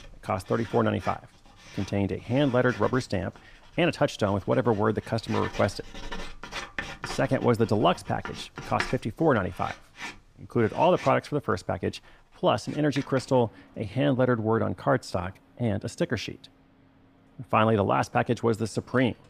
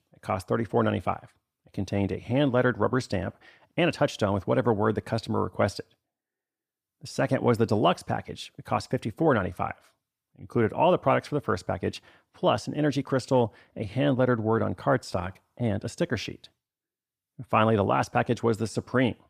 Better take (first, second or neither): second